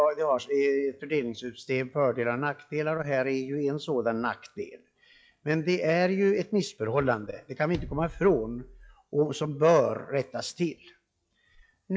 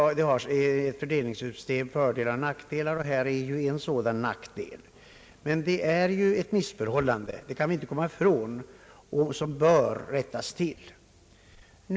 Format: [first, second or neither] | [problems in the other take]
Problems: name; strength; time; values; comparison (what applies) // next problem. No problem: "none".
second | noise reduction (classical method log-MMSE)